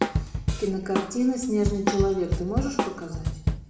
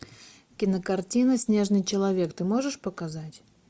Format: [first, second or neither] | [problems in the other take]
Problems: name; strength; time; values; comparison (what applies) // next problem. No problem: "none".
second | background sound (Drum kit); 1 dB below the speech // room echo; dies away in 0.8 s